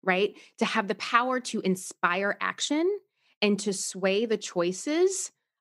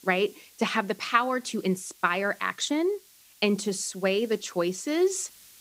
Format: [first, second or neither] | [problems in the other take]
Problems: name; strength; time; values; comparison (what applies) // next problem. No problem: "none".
first | hiss; faint; throughout; 25 dB below the speech